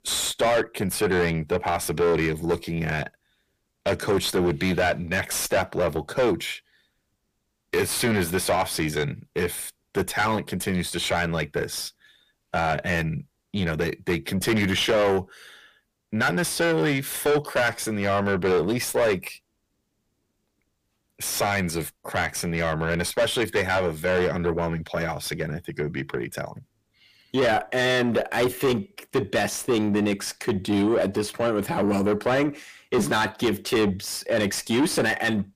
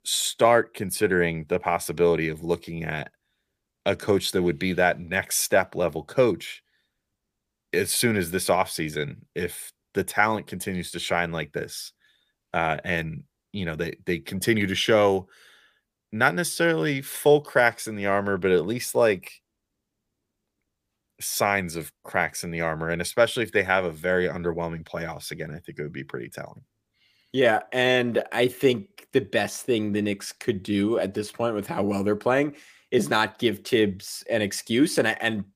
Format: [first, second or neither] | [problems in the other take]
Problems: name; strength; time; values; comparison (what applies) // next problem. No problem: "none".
second | distortion; heavy; 6 dB below the speech